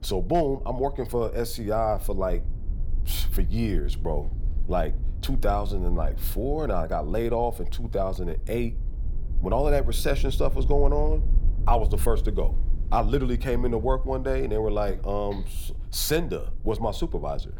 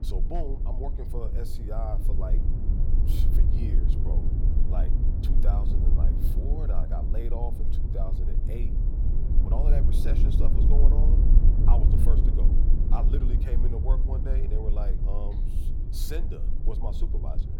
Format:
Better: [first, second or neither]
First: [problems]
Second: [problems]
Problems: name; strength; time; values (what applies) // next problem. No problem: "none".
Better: first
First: low rumble; faint; throughout; 20 dB below the speech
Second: low rumble; loud; throughout; 2 dB below the speech